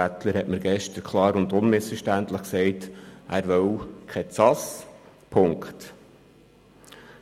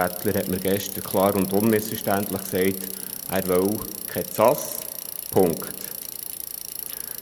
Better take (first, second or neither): first